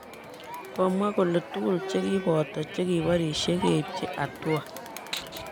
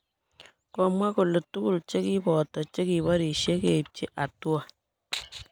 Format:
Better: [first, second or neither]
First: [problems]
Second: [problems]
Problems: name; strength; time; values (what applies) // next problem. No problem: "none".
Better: second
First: background sound (Crowd); 10 dB below the speech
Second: none